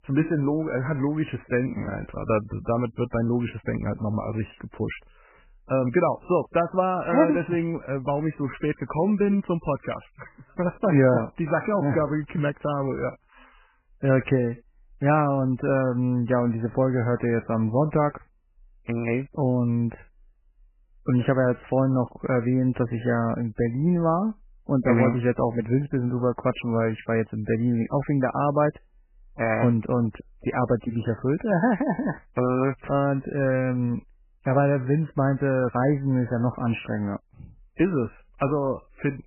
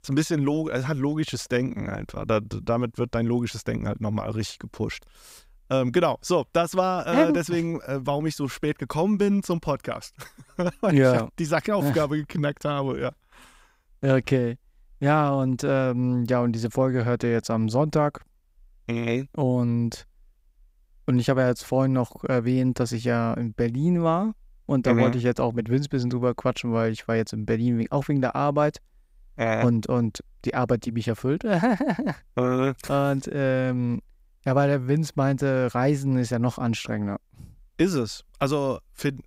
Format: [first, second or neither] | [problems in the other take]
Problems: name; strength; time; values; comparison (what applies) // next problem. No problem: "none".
second | garbled, watery; badly; nothing above 3 kHz